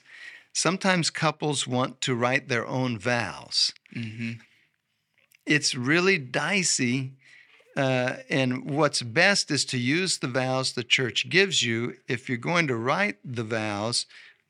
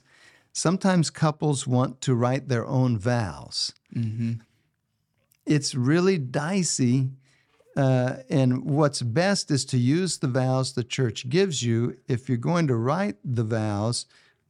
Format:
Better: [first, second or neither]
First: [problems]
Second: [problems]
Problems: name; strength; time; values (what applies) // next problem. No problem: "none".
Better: second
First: thin; very slightly; fading below 300 Hz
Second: none